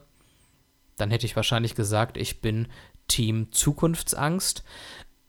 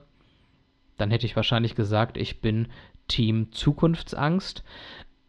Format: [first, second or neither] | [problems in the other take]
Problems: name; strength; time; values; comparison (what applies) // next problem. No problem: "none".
first | muffled; slightly; fading above 4 kHz